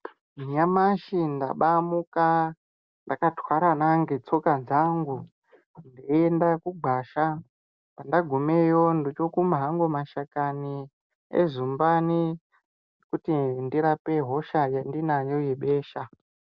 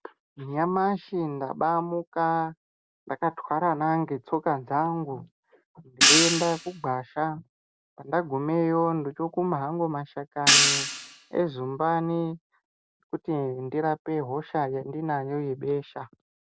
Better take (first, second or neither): first